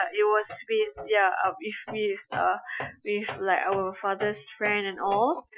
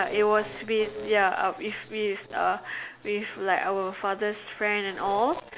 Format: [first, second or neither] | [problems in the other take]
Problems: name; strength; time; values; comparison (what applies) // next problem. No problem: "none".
second | noise reduction (classical method Wiener filter)